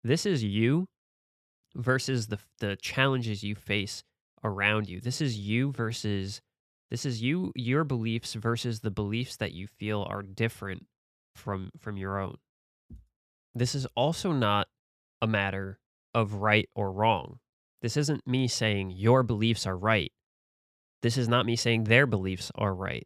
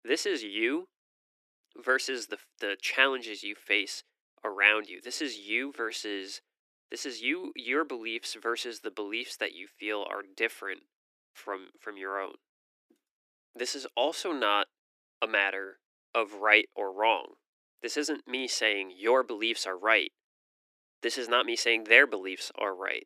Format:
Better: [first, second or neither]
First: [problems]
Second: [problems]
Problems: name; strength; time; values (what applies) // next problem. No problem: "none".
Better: first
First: none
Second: thin; very; fading below 300 Hz